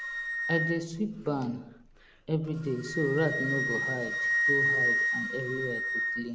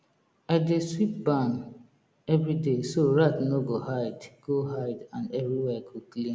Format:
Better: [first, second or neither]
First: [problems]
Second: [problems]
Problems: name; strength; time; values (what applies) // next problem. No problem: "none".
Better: second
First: background sound (Wind instrument, woodwind instrument); 1 dB above the speech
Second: none